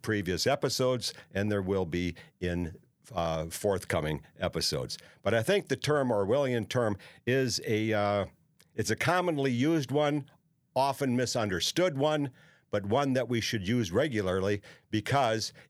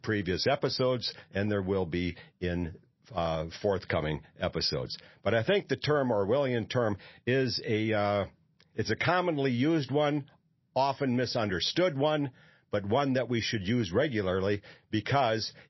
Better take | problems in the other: first | garbled, watery; slightly; nothing above 5.5 kHz

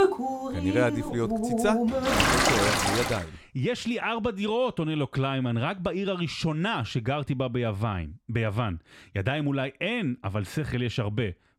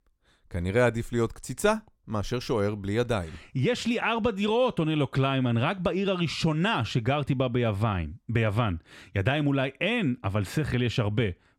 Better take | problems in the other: second | rain or running water; very loud; until 3 s; 3 dB above the speech

